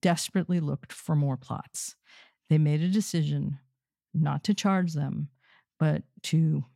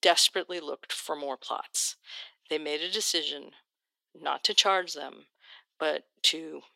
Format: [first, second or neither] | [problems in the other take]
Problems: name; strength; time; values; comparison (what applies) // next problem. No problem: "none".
first | thin; very; fading below 350 Hz